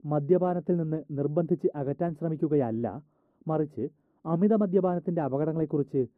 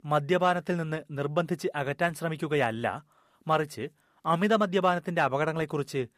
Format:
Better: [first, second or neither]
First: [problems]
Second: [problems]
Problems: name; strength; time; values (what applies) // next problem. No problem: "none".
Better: second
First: muffled; very; fading above 1 kHz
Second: none